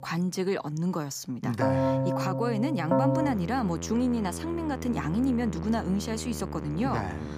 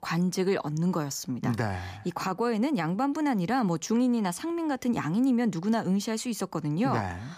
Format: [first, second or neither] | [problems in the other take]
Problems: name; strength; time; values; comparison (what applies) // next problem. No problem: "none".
second | background music; loud; throughout; 2 dB below the speech